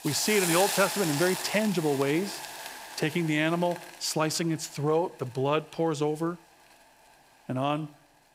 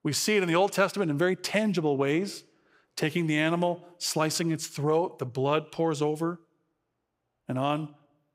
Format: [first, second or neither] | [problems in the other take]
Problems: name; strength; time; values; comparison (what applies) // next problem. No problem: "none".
second | hiss; loud; throughout; 5 dB below the speech